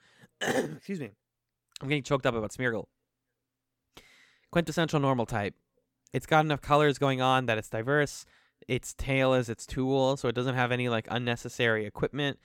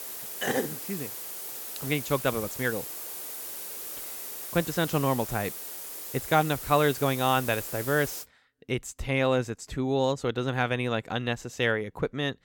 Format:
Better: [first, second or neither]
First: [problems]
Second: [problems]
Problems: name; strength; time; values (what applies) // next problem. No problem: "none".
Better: first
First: none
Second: hiss; loud; until 8 s; 7 dB below the speech